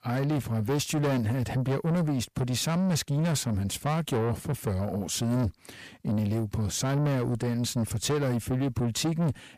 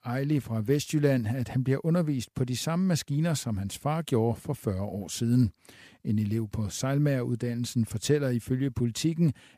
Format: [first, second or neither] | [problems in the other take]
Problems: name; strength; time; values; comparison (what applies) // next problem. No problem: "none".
second | distortion; heavy; 7 dB below the speech